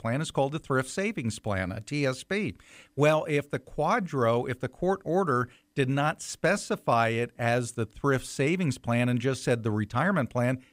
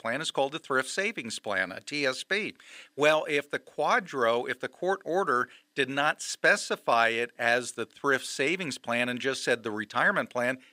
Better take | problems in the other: first | thin; somewhat; fading below 350 Hz

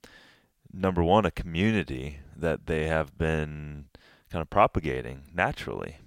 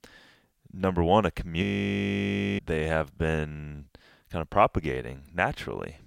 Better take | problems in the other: first | audio freezing; at 1.5 s for 1 s

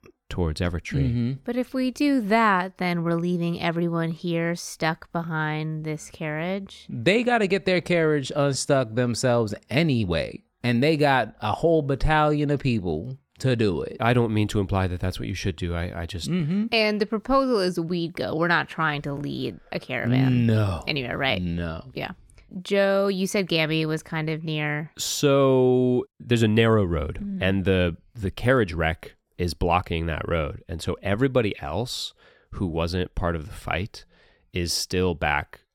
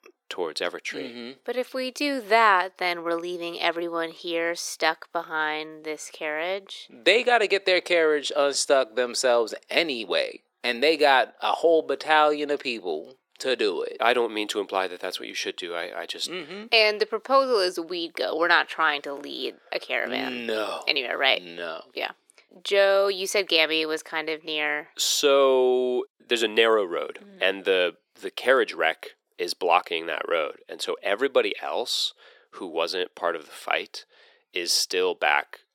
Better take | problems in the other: first | thin; very; fading below 400 Hz

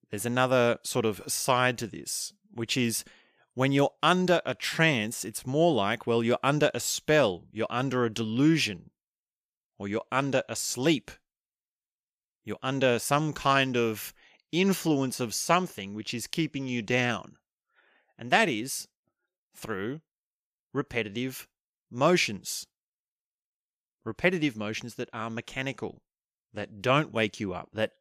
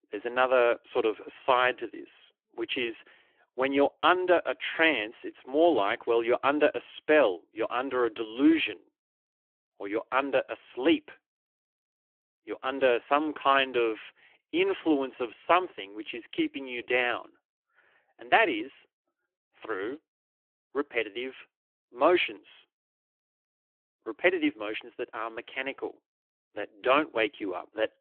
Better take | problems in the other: first | phone-call audio; nothing above 3.5 kHz

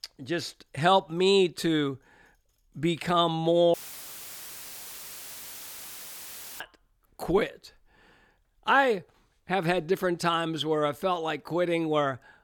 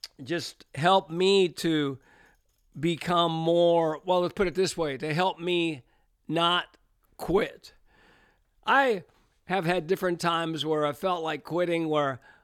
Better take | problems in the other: second | audio cutting out; filled with static; at 3.5 s for 3 s

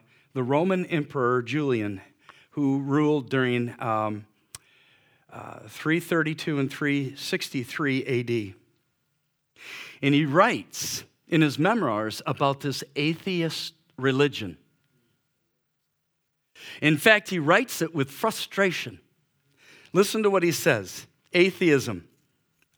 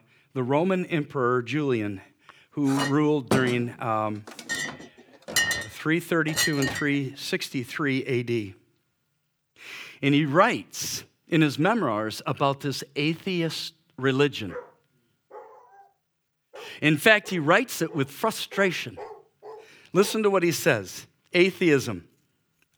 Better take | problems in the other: first | clattering dishes; loud; from 2.5 to 7 s; peak 1 dB above the speech // dog barking; faint; from 14 to 20 s; peak 15 dB below the speech

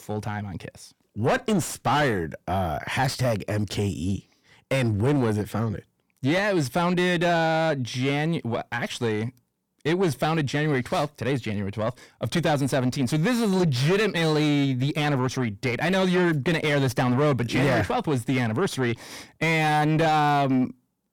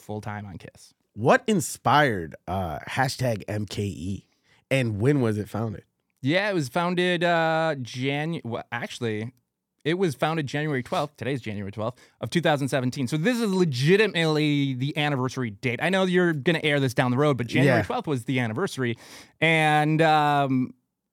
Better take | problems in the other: second | distortion; heavy; 7 dB below the speech

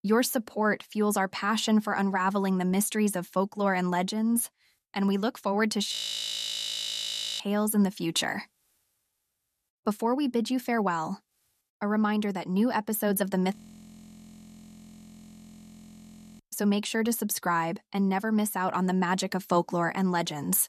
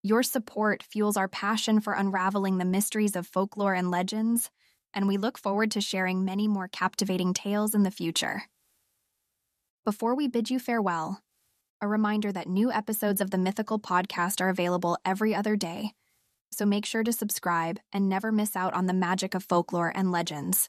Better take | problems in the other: second | audio freezing; at 6 s for 1.5 s and at 14 s for 3 s

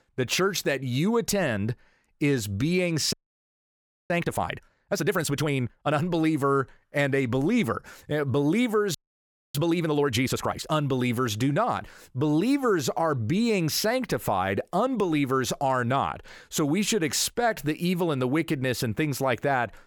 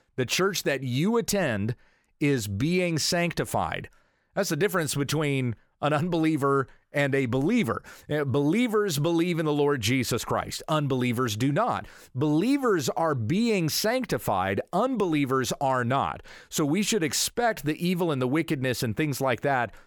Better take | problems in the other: second | audio freezing; at 3 s for 1 s and at 9 s for 0.5 s

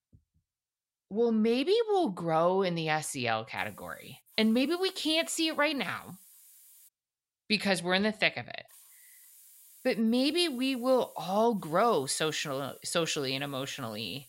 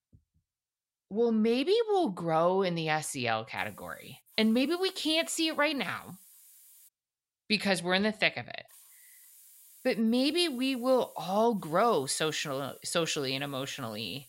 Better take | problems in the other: neither | hiss; faint; from 3.5 to 7 s and from 8.5 s on; 25 dB below the speech; the same in both

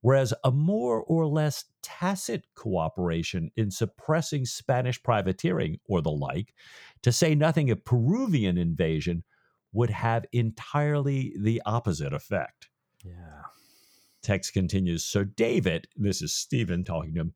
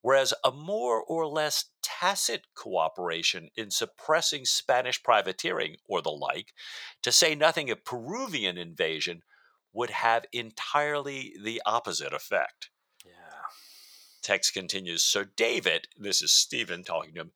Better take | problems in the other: first | thin; very; fading below 650 Hz

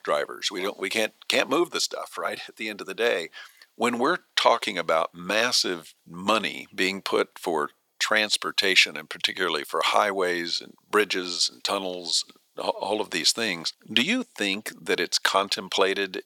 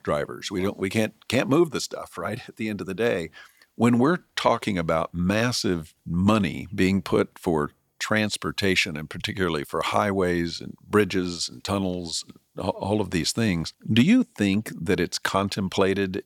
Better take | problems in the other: second | thin; somewhat; fading below 450 Hz

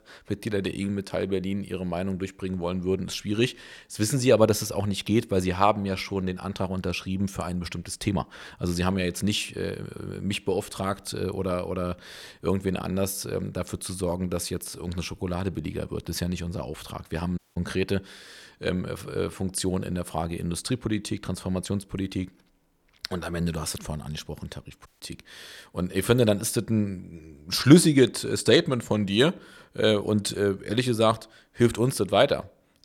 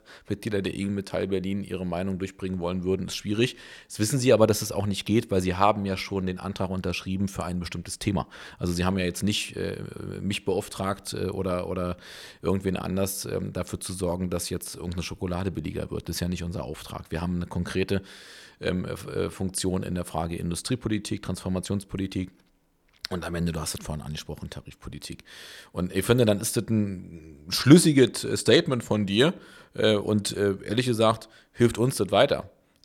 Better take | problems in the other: second | audio cutting out; at 17 s and at 25 s

